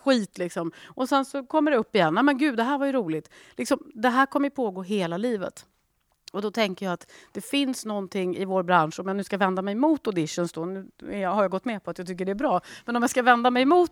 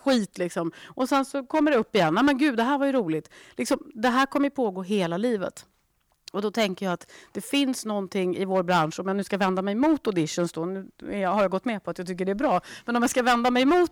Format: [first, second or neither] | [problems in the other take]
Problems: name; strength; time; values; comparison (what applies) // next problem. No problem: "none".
first | distortion; slight; 4% of the sound clipped